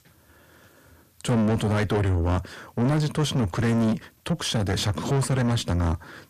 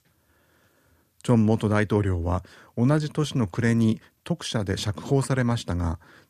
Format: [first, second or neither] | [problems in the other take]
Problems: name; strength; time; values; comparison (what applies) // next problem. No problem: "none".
second | distortion; heavy; 6 dB below the speech